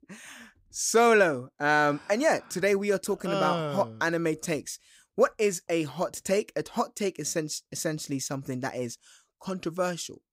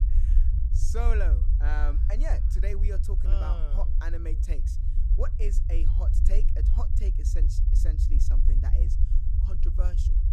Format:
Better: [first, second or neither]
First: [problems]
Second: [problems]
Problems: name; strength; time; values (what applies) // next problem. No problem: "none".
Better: first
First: none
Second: low rumble; loud; throughout; 6 dB below the speech